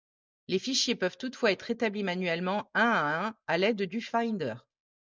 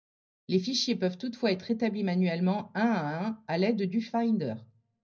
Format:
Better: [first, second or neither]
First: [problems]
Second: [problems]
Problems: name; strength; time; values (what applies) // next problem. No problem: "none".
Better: first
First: none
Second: room echo; dies away in 0.4 s